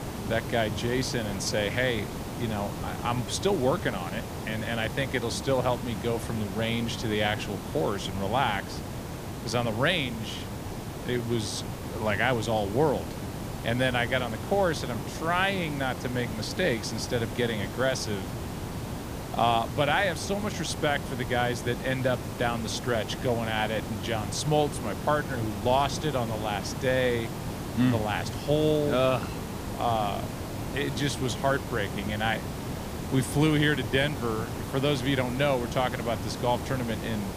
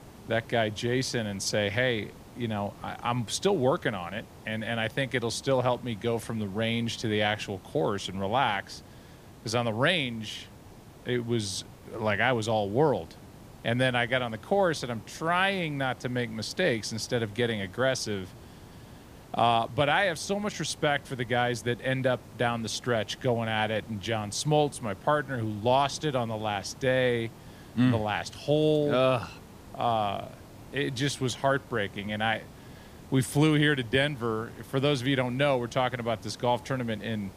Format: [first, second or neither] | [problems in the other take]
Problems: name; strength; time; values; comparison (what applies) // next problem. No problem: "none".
second | hiss; loud; throughout; 7 dB below the speech; faint in the second